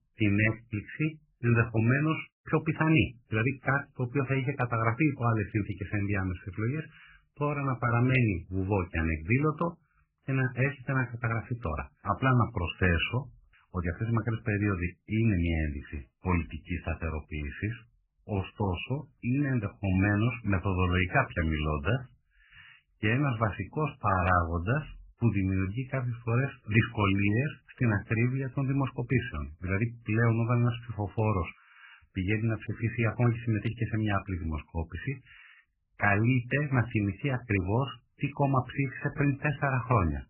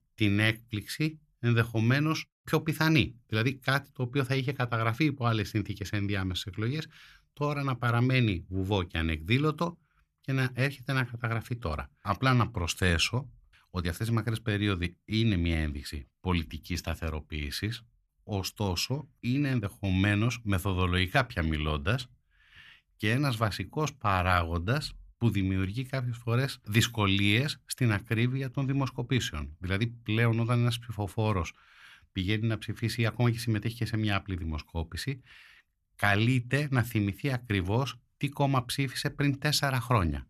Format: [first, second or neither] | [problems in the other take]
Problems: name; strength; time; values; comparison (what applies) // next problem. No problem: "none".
second | garbled, watery; badly; nothing above 3 kHz